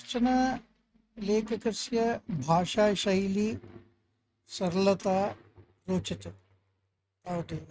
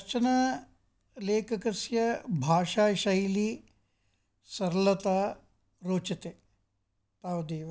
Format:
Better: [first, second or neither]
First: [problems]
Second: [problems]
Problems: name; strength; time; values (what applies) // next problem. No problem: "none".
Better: second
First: noise reduction (neural mask model RNNoise)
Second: none